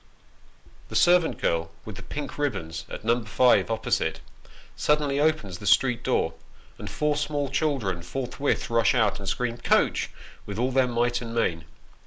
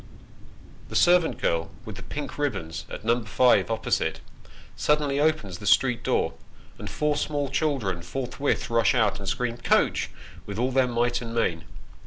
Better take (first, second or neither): first